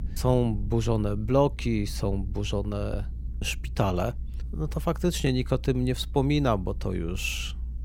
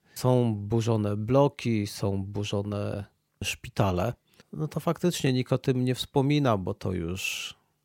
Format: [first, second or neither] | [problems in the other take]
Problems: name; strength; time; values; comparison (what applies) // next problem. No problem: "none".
second | low rumble; faint; throughout; 25 dB below the speech